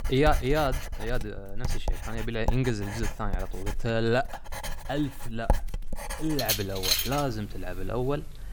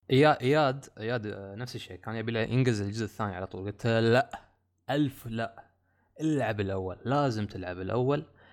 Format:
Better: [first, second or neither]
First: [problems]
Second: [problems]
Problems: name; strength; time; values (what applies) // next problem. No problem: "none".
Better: second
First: household noises; loud; throughout; 2 dB below the speech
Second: none